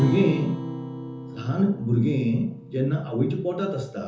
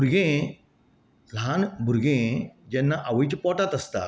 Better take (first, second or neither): second